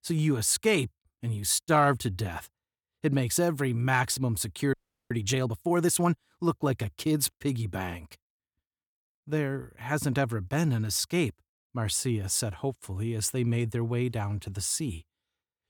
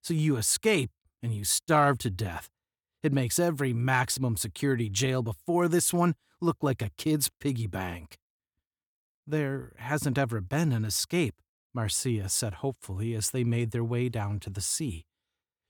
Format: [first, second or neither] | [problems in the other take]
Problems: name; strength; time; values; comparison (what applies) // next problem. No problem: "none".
second | audio freezing; at 4.5 s